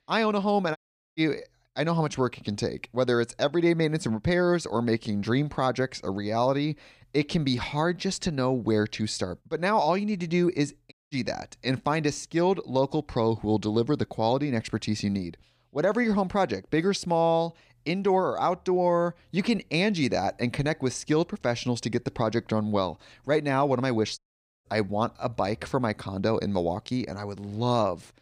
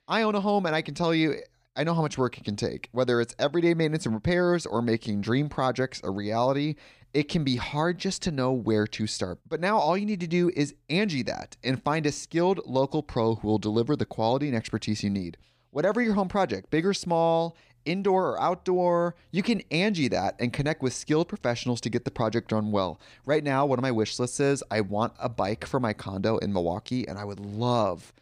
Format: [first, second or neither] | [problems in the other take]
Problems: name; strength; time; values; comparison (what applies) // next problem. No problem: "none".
second | audio cutting out; at 1 s, at 11 s and at 24 s